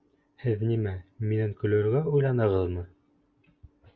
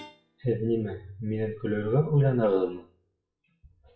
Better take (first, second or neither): first